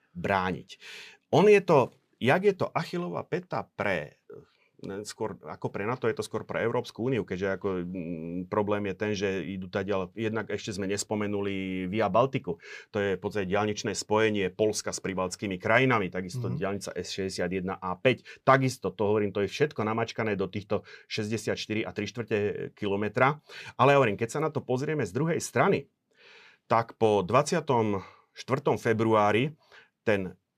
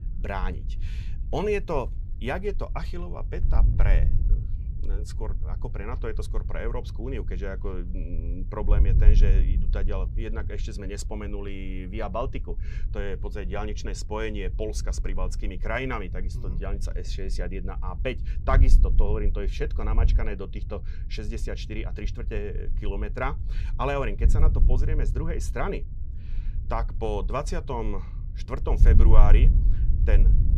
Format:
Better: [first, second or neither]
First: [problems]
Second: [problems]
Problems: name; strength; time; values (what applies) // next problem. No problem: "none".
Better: first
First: none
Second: wind noise on the microphone; occasional gusts; 15 dB below the speech